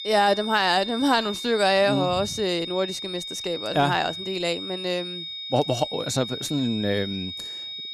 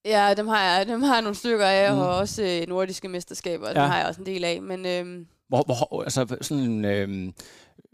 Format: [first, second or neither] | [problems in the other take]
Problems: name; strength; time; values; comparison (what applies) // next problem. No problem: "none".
second | high-pitched whine; loud; throughout; 3.5 kHz, 7 dB below the speech